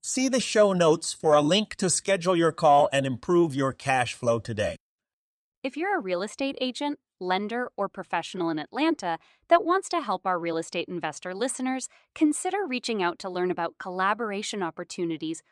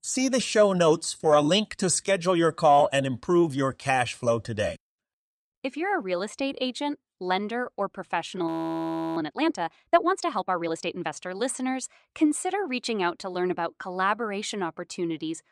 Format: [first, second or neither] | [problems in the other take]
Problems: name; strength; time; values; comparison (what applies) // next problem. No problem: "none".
first | audio freezing; at 8.5 s for 0.5 s